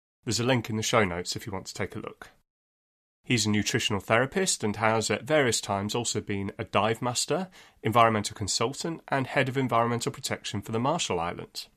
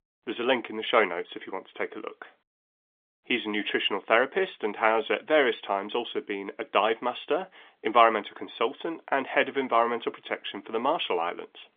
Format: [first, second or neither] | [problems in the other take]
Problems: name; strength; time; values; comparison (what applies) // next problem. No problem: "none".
first | phone-call audio; nothing above 3.5 kHz